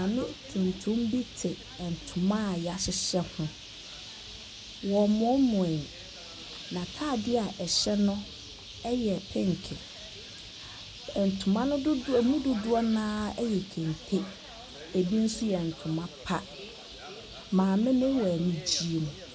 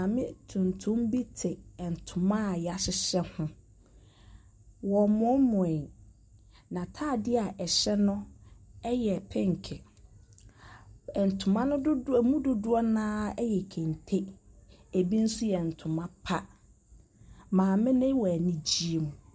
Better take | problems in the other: second | background sound (Bird); 15 dB below the speech

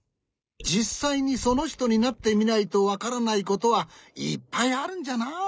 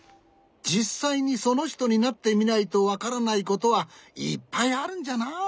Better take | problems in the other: second | noise reduction (neural mask model Resemble Enhance denoiser)

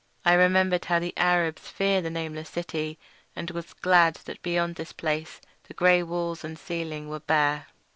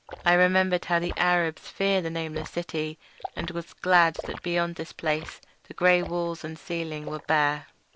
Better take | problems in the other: first | background sound (Liquid); 16 dB below the speech

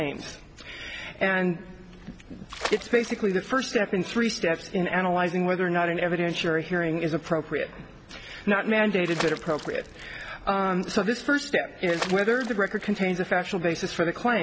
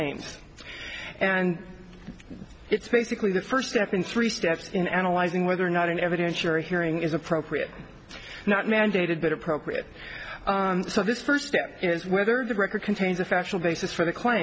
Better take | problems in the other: second | background sound (Water / Splash, splatter); 11 dB below the speech

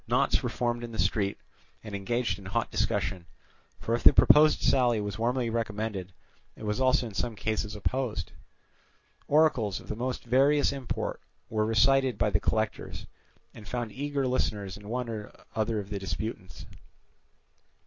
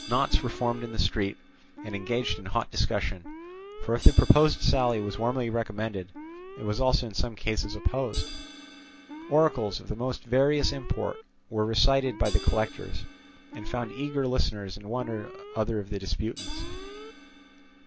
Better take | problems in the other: first | background sound (Crash cymbal + Alarm); 17 dB below the speech

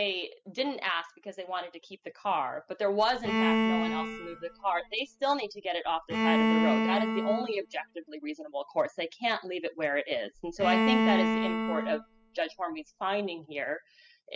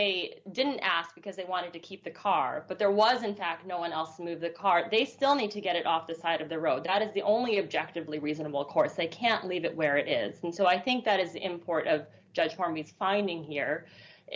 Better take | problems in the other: second | noise reduction (classical method spectral subtraction)

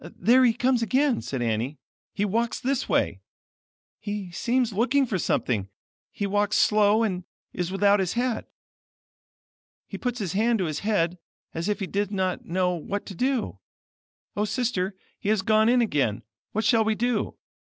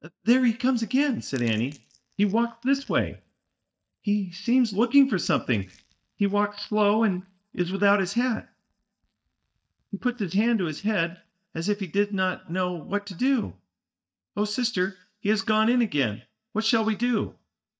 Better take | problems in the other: first | noise reduction (neural mask model DeepFilterNet 3)

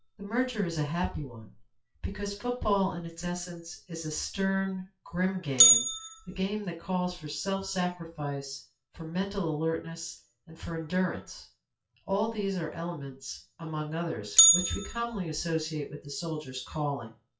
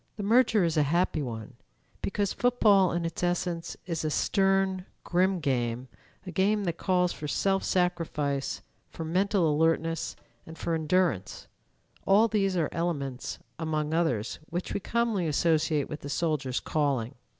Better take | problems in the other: second | noise reduction (classical method WPE with log-MMSE)

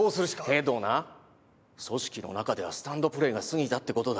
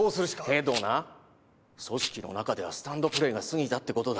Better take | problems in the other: first | background sound (Rattle); 12 dB below the speech

